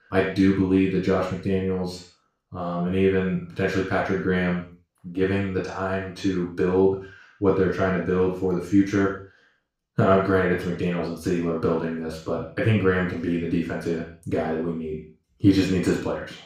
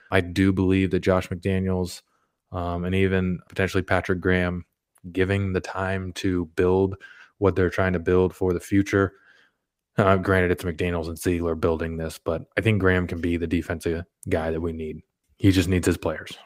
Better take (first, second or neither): second